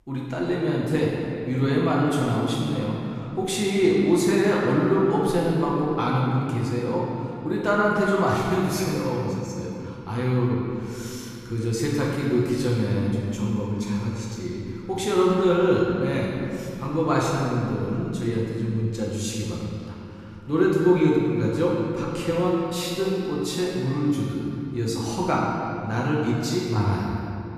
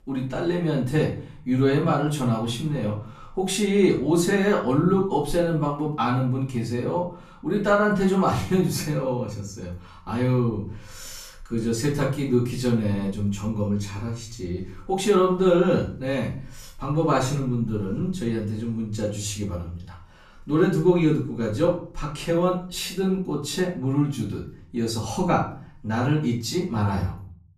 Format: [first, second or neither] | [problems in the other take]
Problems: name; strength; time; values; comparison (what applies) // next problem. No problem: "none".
second | room echo; strong; dies away in 2.6 s; slight in the second // off-mic speech; far; far in the second